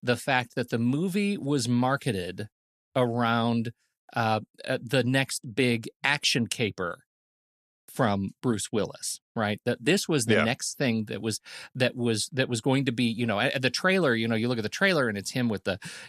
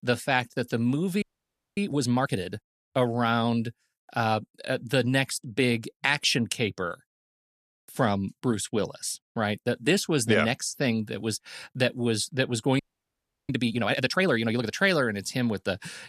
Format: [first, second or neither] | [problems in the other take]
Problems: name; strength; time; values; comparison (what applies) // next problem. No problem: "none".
first | audio freezing; at 1 s for 0.5 s and at 13 s for 0.5 s